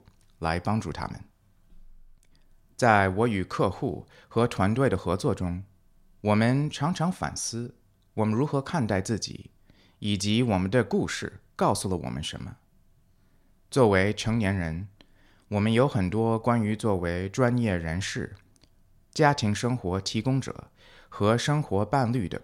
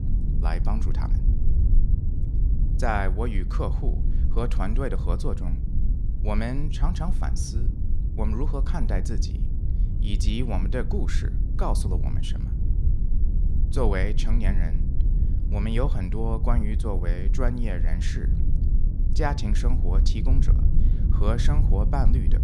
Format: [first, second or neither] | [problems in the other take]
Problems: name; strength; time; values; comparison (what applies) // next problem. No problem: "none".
first | low rumble; loud; throughout; 9 dB below the speech